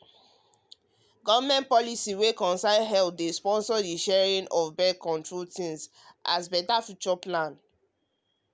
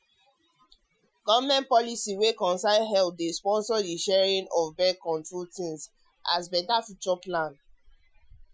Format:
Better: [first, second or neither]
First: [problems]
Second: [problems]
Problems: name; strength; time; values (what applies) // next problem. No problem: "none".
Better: first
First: none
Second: noise reduction (classical method Wiener filter)